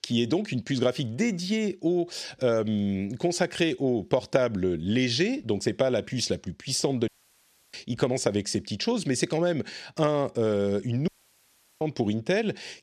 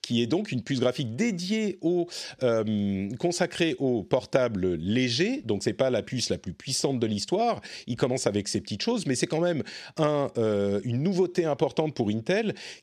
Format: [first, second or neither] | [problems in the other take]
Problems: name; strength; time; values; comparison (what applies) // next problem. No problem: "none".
second | audio cutting out; at 7 s for 0.5 s and at 11 s for 0.5 s